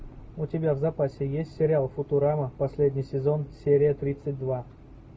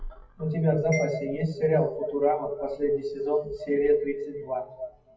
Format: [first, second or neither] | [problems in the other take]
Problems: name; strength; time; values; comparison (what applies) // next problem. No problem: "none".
first | noise reduction (classical method WPE with log-MMSE)